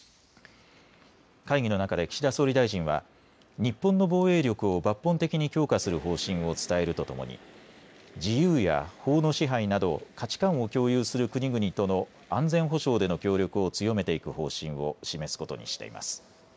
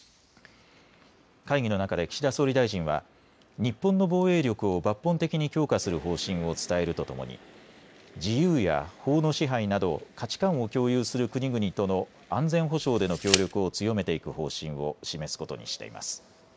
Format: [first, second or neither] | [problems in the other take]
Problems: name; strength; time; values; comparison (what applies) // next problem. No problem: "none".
first | background sound (Tick); 7 dB below the speech